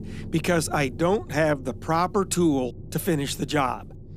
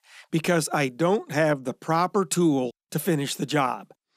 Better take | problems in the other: second | low rumble; faint; throughout; 25 dB below the speech

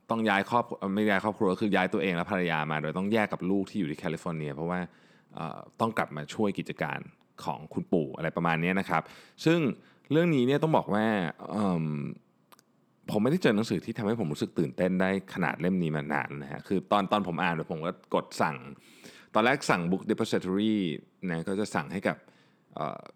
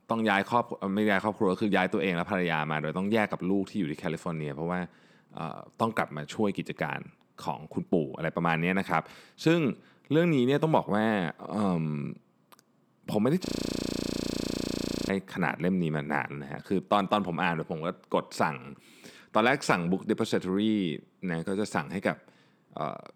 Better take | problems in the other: first | audio freezing; at 13 s for 1.5 s

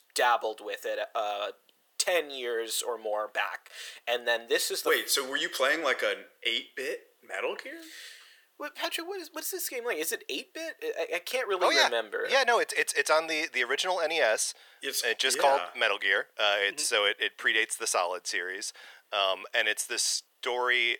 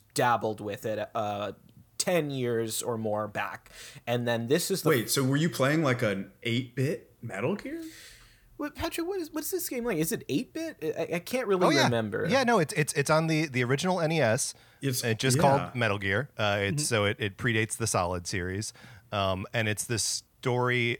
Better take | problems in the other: second | thin; very; fading below 450 Hz

